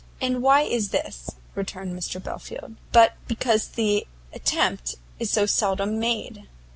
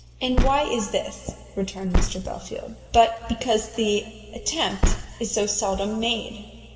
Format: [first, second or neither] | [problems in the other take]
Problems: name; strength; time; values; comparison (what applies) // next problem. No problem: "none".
first | background sound (Car); 1 dB below the speech // room echo; dies away in 2.3 s